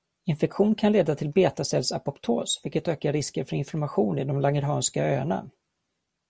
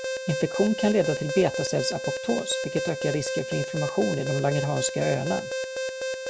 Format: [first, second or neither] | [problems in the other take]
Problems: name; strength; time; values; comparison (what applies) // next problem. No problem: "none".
first | background sound (Alarm); 4 dB below the speech